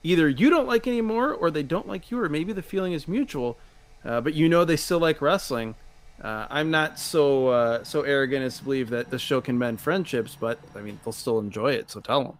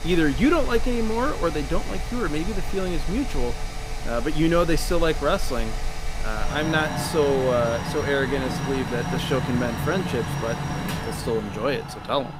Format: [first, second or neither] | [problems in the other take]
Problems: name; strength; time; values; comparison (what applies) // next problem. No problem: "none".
first | machinery noise; loud; throughout; 5 dB below the speech; faint in the first